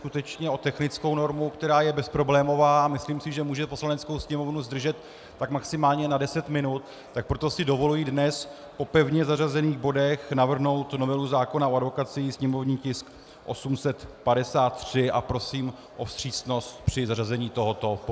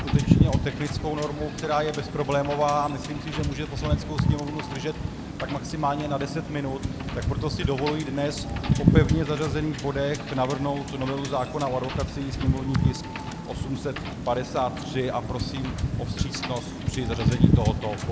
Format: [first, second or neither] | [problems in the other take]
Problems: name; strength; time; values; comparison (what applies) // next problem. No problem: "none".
first | background sound (Wind / Boat, Water vehicle); 2 dB above the speech